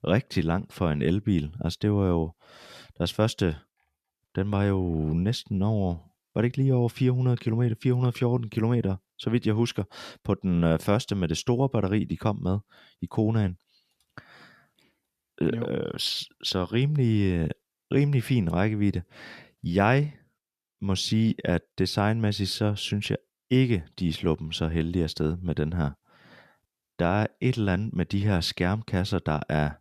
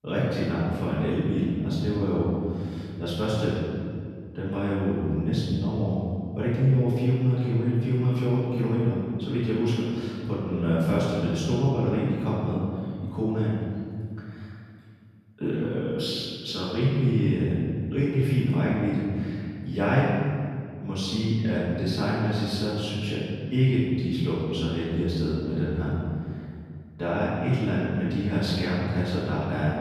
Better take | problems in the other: first | off-mic speech; far // room echo; strong; dies away in 2.1 s

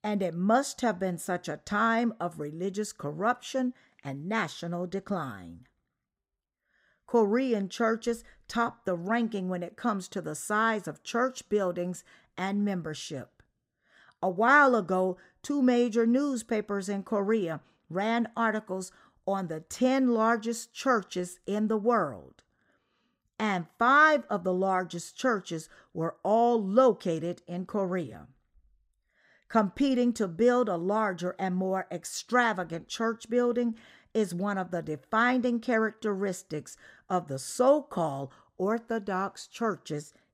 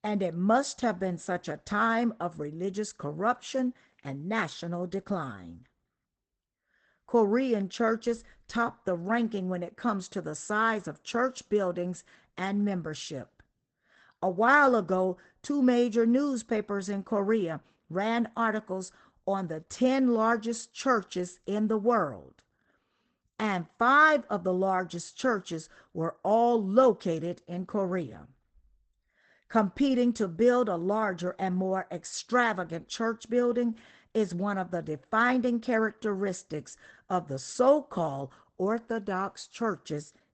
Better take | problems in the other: first | garbled, watery; badly; nothing above 8 kHz

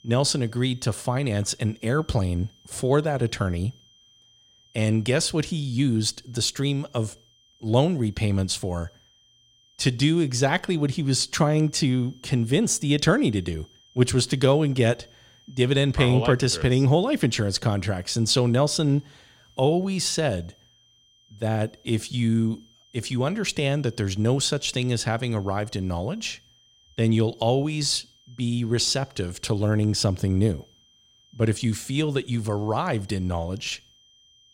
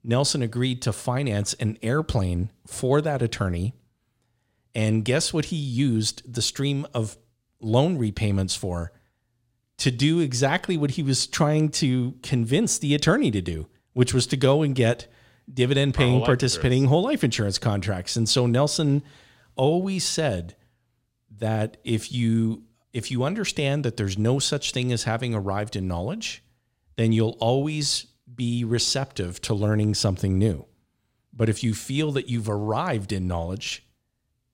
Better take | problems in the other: second | high-pitched whine; faint; throughout; 3 kHz, 30 dB below the speech

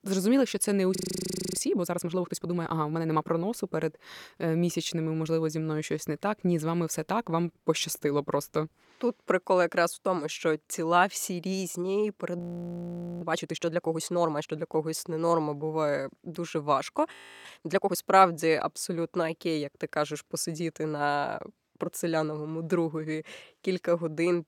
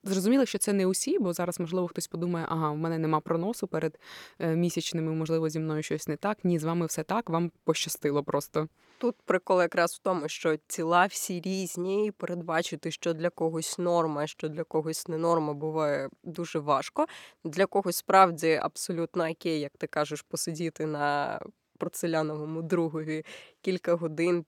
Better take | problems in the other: second | audio freezing; at 1 s for 0.5 s, at 12 s for 1 s and at 17 s

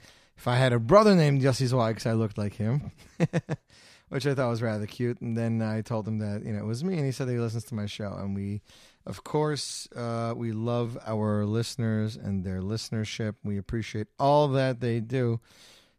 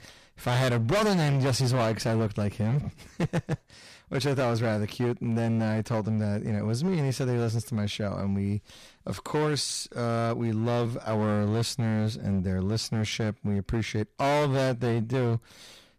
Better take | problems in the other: first | distortion; heavy; 16% of the sound clipped

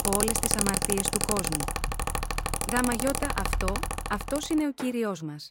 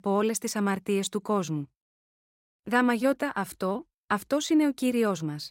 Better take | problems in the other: second | machinery noise; very loud; until 4.5 s; 2 dB above the speech

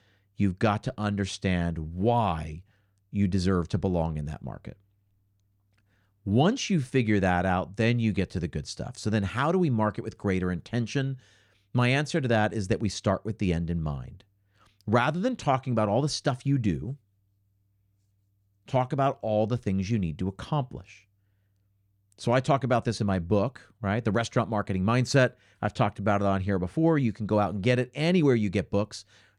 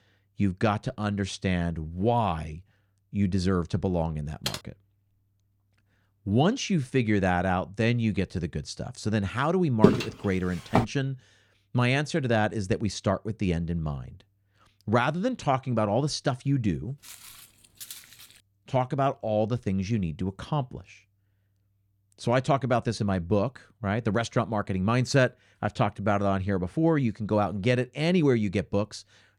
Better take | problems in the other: first | keyboard typing; noticeable; at 4.5 s; peak 7 dB below the speech // footsteps; loud; at 10 s; peak 5 dB above the speech // footsteps; faint; from 17 to 18 s; peak 15 dB below the speech

